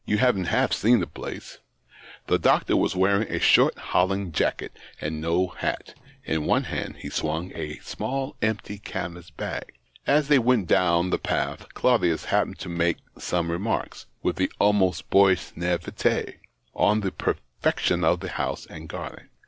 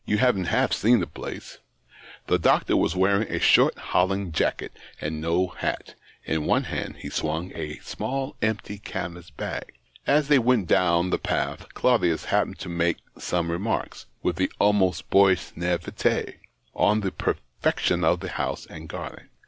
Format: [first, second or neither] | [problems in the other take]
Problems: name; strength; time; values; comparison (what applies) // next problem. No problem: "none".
second | noise reduction (neural separator model SepFormer DNS4)